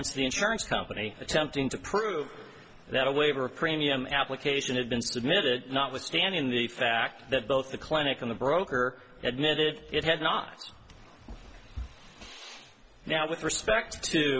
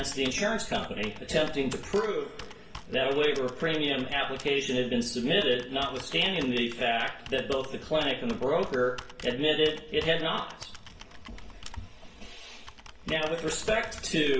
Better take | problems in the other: first | background sound (Computer keyboard); 17 dB below the speech // room echo; dies away in 0.5 s

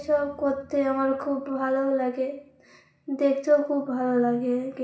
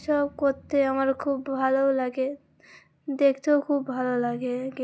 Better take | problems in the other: second | room echo; dies away in 0.6 s

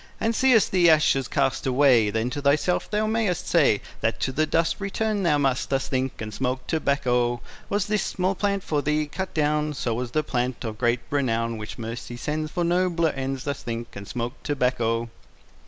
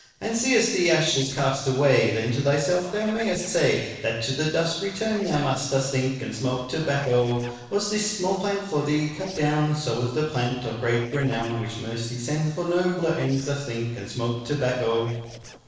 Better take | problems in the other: first | noise reduction (neural separator model SepFormer DNS4)

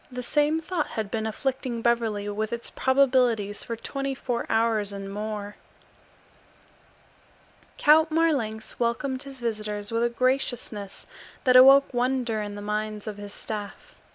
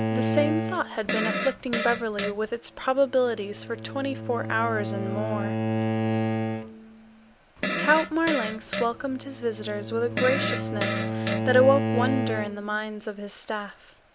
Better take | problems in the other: first | background sound (Bowed string instrument + Fart); 2 dB below the speech

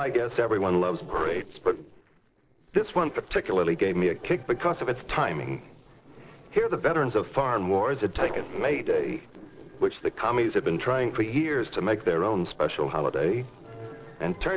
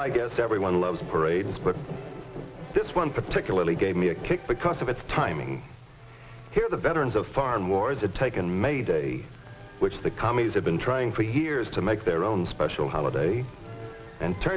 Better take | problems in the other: second | noise reduction (neural separator model SepFormer DNS4)

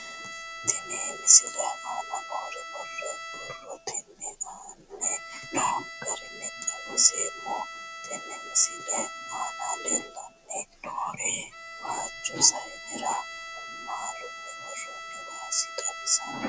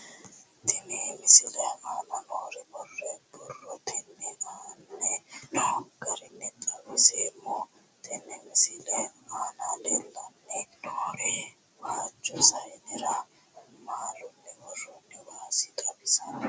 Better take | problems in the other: second | background sound (Bowed string instrument); 11 dB below the speech

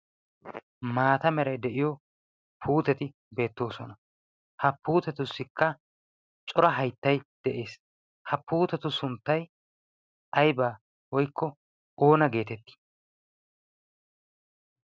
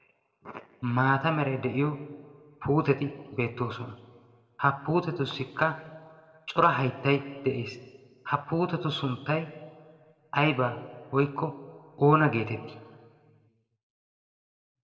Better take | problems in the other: first | room echo; dies away in 1.3 s

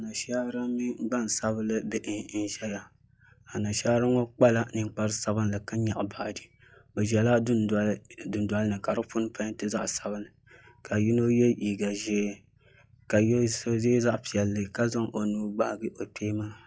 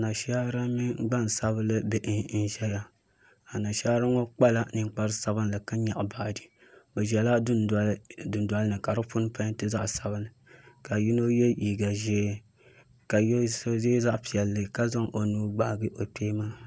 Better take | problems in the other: second | noise reduction (classical method log-MMSE)

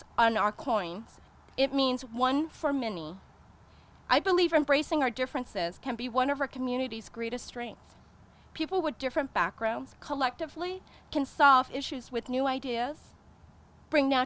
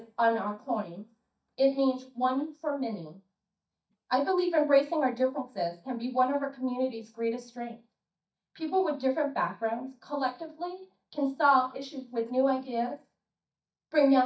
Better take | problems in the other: first | noise reduction (neural mask model DeepFilterNet 3)

